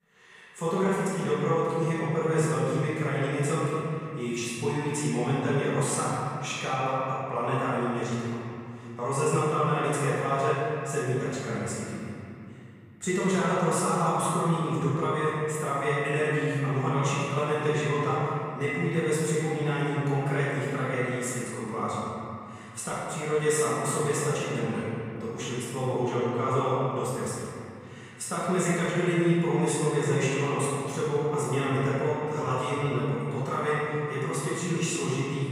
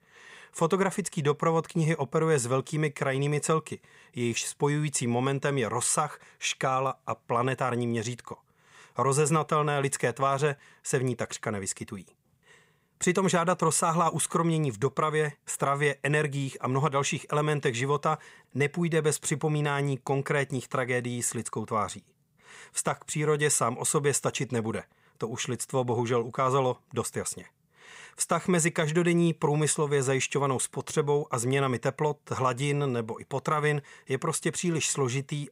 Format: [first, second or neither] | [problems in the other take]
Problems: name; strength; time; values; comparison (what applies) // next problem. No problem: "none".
second | off-mic speech; far // room echo; strong; dies away in 2.6 s